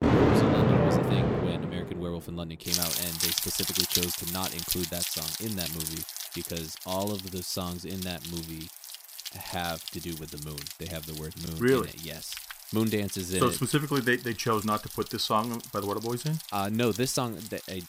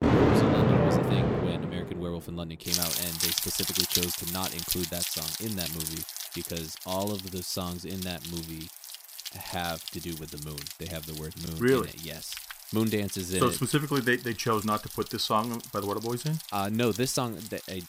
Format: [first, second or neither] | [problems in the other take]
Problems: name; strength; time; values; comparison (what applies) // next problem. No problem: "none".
neither | rain or running water; very loud; throughout; 1 dB above the speech; the same in both